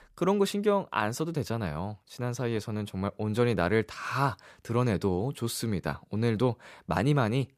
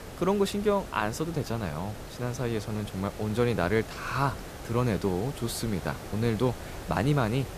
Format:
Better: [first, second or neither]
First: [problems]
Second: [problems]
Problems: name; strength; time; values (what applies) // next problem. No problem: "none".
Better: first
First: none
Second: hiss; noticeable; throughout; 10 dB below the speech